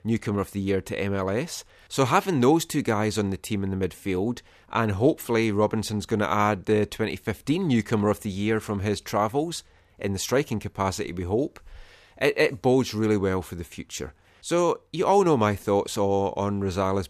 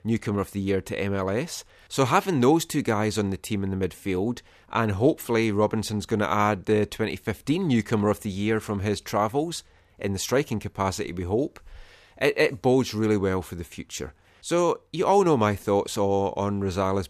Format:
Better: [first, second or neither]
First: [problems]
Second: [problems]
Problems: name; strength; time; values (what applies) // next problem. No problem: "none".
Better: neither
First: none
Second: none